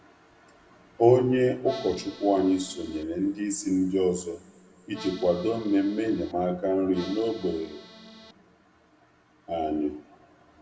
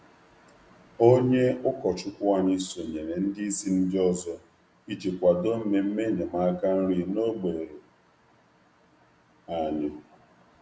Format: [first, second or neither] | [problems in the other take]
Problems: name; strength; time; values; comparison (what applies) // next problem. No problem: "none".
second | background sound (Accordion); 17 dB below the speech // room echo; dies away in 1.6 s